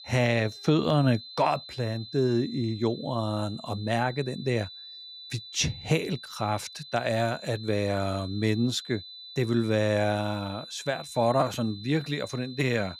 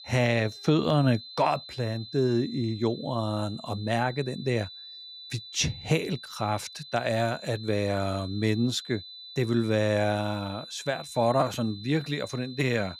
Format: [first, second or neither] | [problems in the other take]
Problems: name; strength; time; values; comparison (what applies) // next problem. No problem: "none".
neither | high-pitched whine; noticeable; throughout; 4 kHz, 15 dB below the speech; the same in both